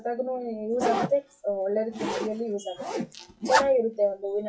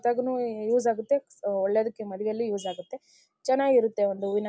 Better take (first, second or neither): second